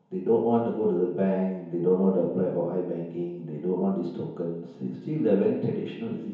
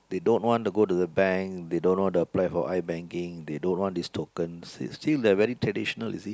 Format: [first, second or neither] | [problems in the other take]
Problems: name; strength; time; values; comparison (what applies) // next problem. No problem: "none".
second | room echo; dies away in 1 s